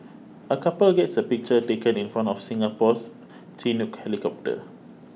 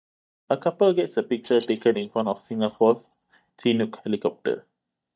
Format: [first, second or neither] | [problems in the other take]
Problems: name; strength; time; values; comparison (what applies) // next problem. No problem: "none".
first | noise reduction (neural mask model DeepFilterNet 3)